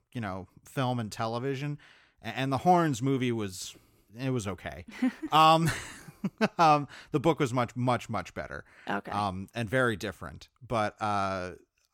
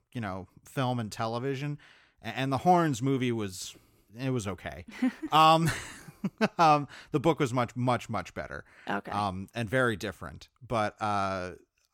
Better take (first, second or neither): neither